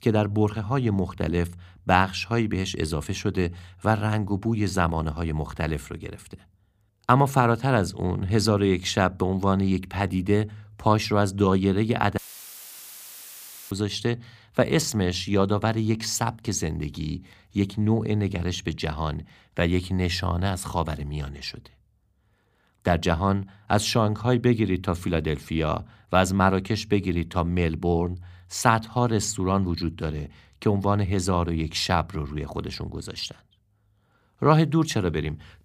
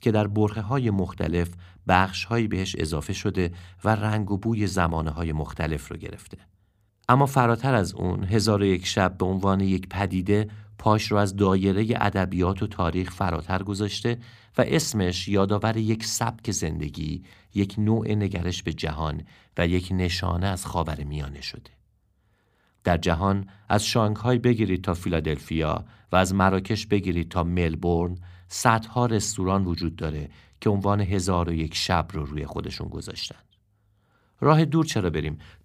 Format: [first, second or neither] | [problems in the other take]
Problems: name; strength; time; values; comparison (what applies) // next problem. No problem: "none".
second | audio cutting out; filled with static; at 12 s for 1.5 s